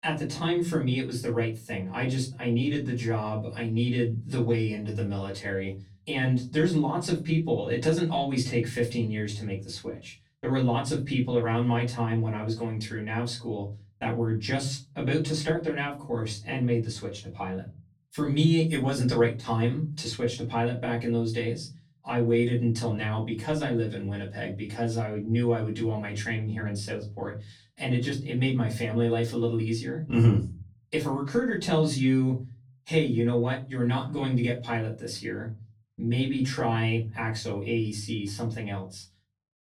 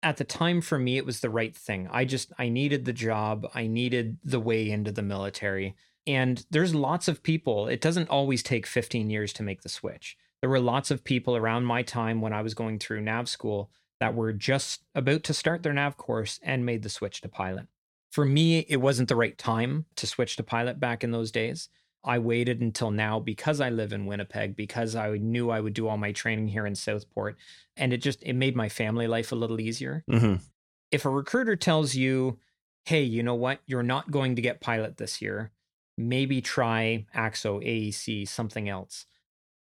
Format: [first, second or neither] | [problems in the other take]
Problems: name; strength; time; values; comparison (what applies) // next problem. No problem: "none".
second | off-mic speech; far // room echo; very slight; dies away in 0.3 s